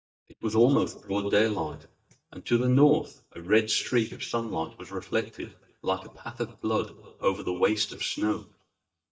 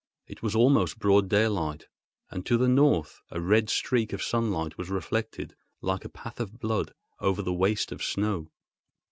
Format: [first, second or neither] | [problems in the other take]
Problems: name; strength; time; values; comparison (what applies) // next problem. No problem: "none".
second | noise reduction (neural mask model DeepFilterNet 3)